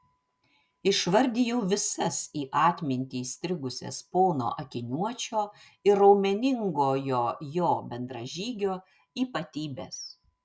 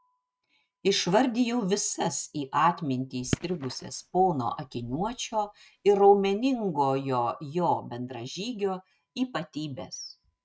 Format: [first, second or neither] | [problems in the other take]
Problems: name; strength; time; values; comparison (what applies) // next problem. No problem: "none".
first | noise reduction (neural mask model RNNoise)